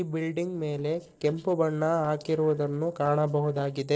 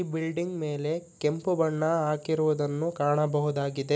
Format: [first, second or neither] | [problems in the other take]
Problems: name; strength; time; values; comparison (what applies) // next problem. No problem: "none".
second | noise reduction (neural separator model SepFormer DNS4)